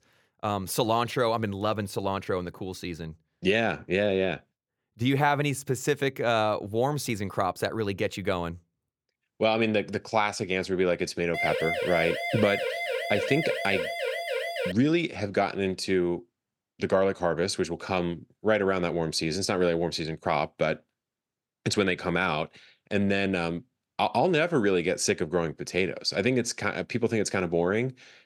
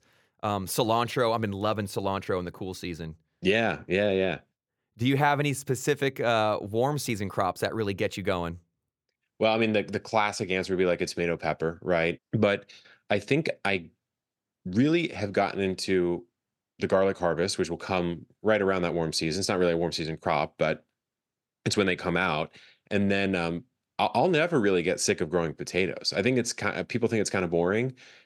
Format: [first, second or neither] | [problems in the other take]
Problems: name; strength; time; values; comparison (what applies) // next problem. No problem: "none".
second | siren; noticeable; from 11 to 15 s; peak level with the speech